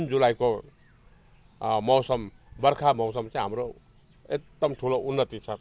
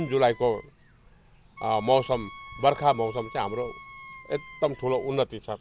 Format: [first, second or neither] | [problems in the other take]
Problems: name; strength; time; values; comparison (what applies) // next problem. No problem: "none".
first | background sound (Wind instrument, woodwind instrument); 19 dB below the speech